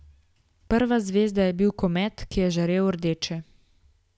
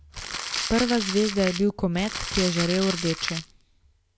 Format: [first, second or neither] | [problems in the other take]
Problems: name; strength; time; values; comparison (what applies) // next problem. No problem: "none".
first | background sound (Crumpling, crinkling); 6 dB below the speech